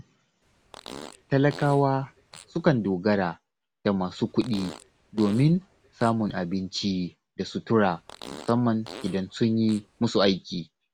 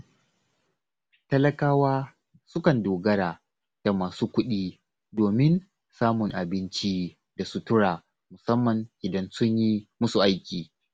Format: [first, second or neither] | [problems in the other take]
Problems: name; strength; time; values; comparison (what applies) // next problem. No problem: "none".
second | background sound (Fart); 19 dB below the speech